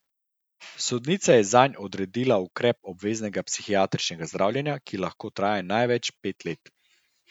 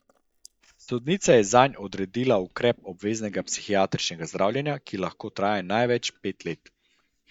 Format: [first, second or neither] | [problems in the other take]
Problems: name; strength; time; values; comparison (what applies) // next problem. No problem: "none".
first | noise reduction (neural mask model DeepFilterNet 3)